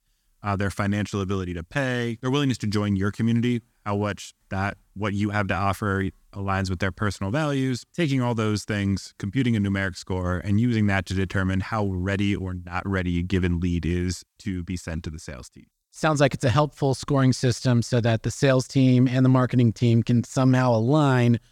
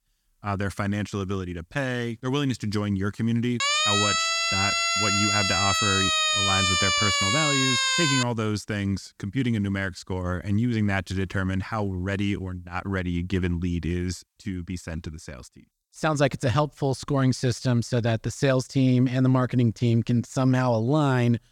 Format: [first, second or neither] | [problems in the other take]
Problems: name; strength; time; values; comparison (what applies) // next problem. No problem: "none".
first | siren; loud; from 3.5 to 8 s; peak 6 dB above the speech